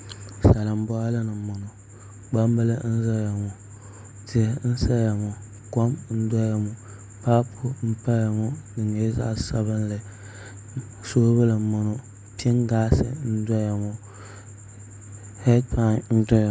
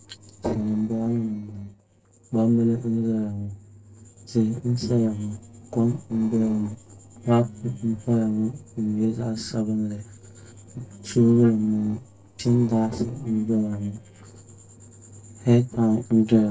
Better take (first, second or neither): first